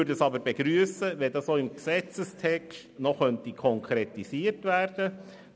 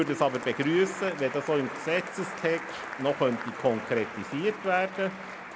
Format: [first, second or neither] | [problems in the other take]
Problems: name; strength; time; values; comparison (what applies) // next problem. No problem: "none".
first | background sound (Applause); 10 dB below the speech